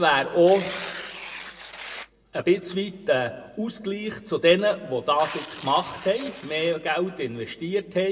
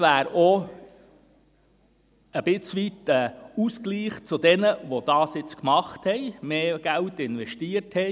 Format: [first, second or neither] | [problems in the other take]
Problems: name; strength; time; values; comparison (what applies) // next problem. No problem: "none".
second | background sound (Tearing); 17 dB below the speech // room echo; dies away in 1.3 s